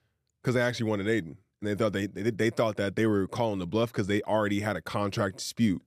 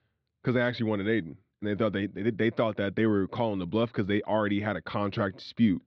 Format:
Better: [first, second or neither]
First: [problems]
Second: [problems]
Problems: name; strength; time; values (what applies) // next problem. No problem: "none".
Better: first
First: none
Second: muffled; slightly; fading above 4 kHz